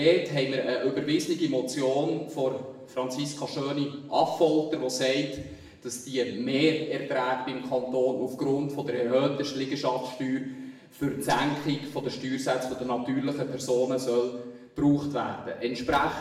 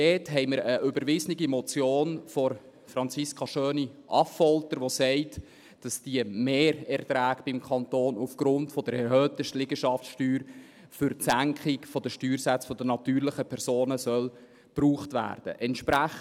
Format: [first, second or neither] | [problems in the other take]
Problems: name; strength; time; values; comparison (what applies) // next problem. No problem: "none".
second | room echo; dies away in 0.9 s